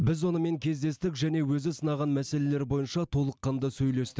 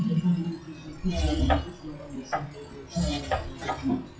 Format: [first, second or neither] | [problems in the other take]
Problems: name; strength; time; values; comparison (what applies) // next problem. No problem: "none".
first | noise reduction (classical method WPE with log-MMSE)